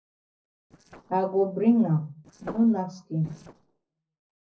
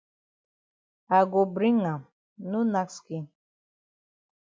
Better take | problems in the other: second | noise reduction (neural separator model SepFormer DNS4)

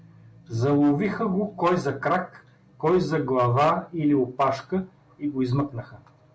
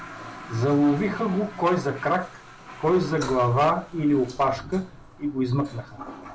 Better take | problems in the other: first | background sound (Toilet flush); 16 dB below the speech

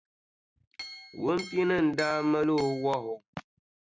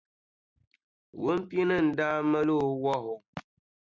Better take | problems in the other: second | background sound (Chink, clink); 15 dB below the speech

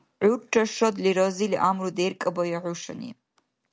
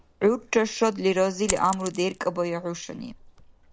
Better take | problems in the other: first | background sound (Coin (dropping)); 14 dB below the speech

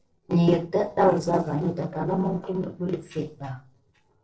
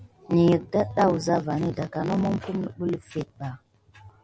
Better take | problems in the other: second | noise reduction (neural separator model SepFormer DNS4)

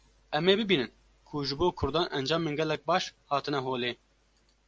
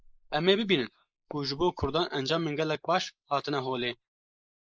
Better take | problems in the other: first | noise reduction (neural mask model Resemble Enhance denoiser)

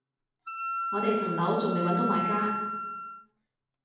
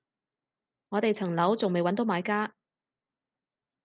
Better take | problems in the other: second | background sound (Wind instrument, woodwind instrument); 3 dB below the speech // room echo; dies away in 0.9 s

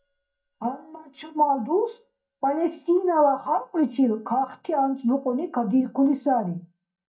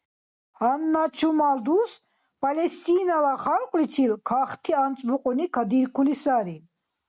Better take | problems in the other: second | noise reduction (neural mask model DeepFilterNet 3)

